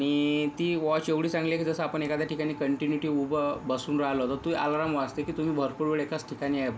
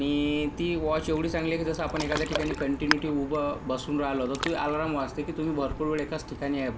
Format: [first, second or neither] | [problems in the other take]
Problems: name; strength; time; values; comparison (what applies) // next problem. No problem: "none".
first | background sound (Ocean); 8 dB below the speech